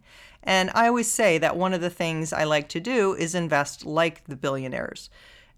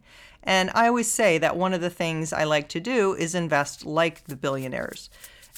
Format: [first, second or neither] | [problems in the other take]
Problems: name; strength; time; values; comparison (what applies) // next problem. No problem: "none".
first | background music; faint; throughout; 30 dB below the speech